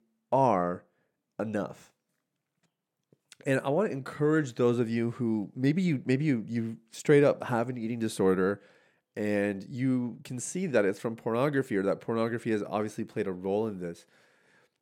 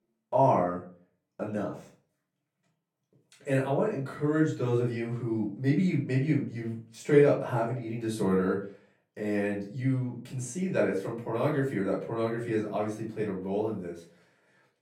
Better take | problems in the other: first | off-mic speech; far // room echo; slight; dies away in 0.3 s

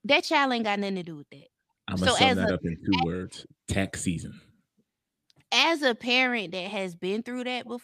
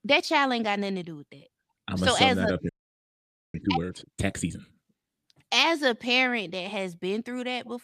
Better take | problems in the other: first | audio freezing; at 2.5 s for 1 s

